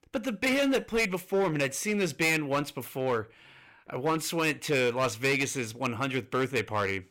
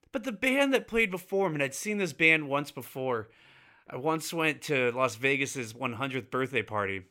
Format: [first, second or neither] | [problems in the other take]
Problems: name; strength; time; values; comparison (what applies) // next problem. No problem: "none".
second | distortion; heavy; 8% of the sound clipped